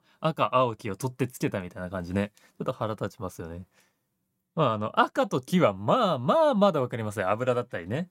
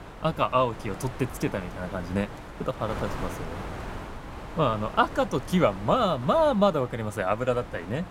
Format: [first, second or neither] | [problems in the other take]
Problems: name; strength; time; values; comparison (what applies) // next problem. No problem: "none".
first | wind noise on the microphone; occasional gusts; 15 dB below the speech